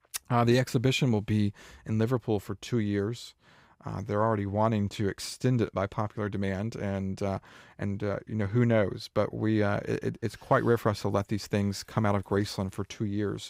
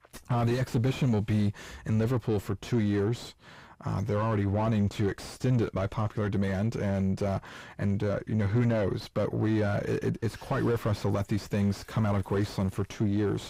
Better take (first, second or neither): first